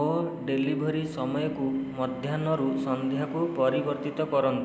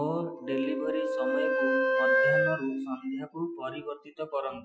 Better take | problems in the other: first | noise reduction (classical method Wiener filter)

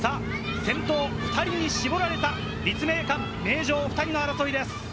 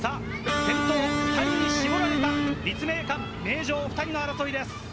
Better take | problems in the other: first | background sound (Electric guitar); 2 dB above the speech

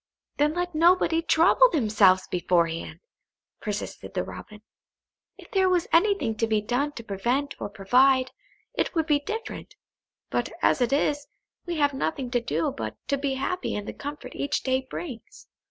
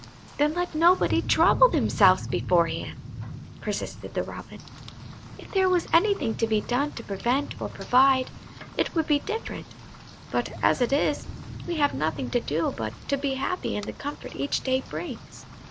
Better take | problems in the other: first | background sound (Rain); 11 dB below the speech

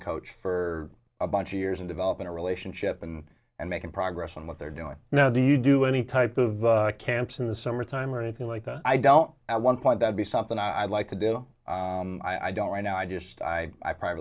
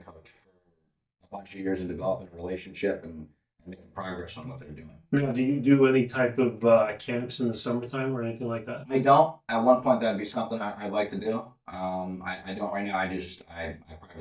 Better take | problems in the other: first | noise reduction (neural mask model DeepFilterNet 3)

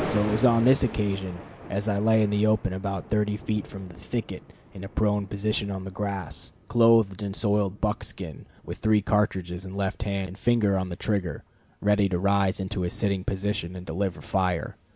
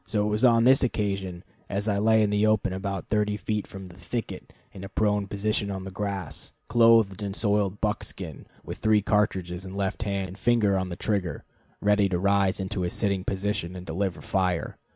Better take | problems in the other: second | background sound (Thunder); 17 dB below the speech

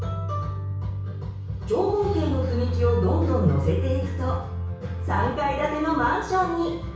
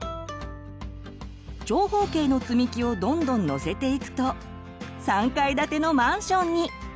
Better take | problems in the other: second | room echo; dies away in 0.6 s

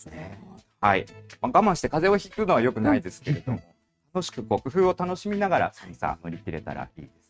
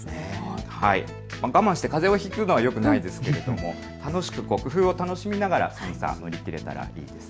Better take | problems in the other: second | noise reduction (neural mask model RNNoise)

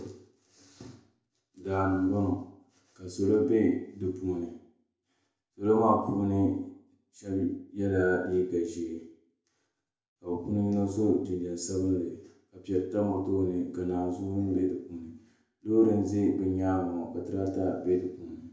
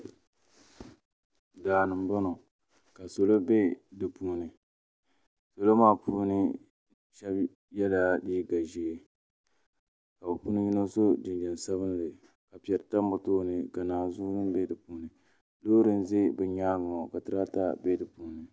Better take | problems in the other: second | room echo; dies away in 0.5 s

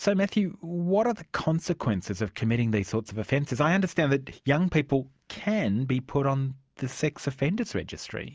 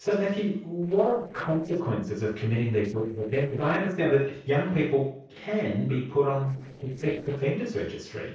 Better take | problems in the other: first | noise reduction (neural separator model SepFormer DNS4)

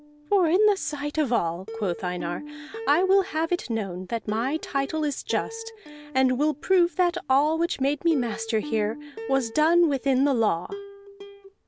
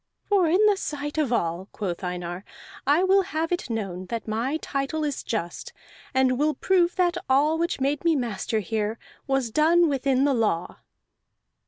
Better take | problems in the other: second | background sound (Plucked string instrument); 15 dB below the speech

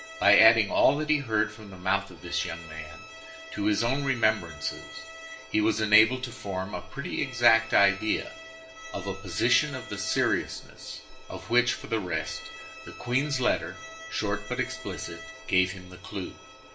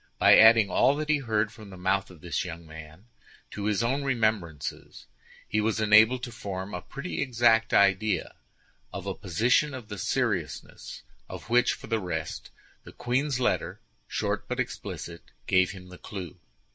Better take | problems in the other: second | background sound (Bowed string instrument); 16 dB below the speech // room echo; dies away in 0.5 s

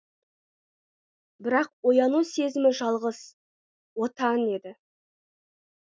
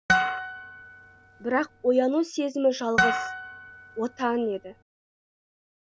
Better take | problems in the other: first | background sound (Harp); 1 dB below the speech

